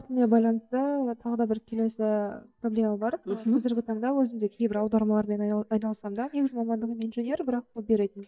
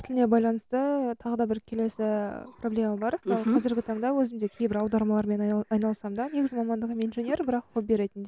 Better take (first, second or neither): second